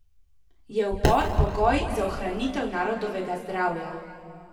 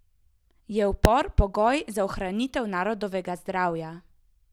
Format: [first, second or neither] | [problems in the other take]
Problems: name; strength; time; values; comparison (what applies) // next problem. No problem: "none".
second | room echo; dies away in 2.1 s